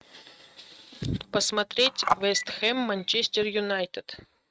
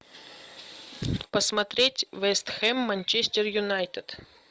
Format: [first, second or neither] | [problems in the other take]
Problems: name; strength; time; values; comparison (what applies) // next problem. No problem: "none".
second | noise reduction (neural mask model RNNoise)